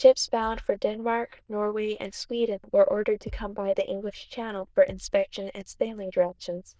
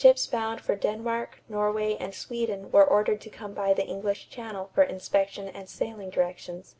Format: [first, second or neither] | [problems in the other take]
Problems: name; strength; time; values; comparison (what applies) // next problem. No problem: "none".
second | noise reduction (neural diffusion model UNIVERSE++)